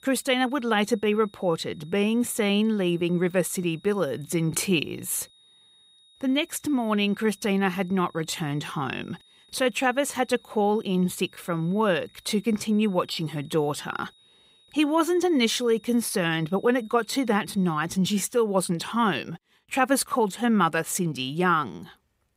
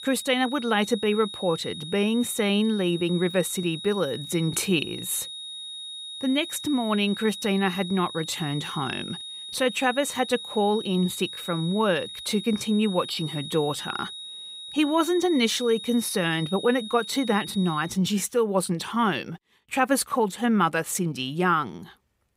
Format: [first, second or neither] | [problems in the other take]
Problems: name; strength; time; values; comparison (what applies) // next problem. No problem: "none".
first | high-pitched whine; loud; until 18 s; 4 kHz, 10 dB below the speech; faint in the first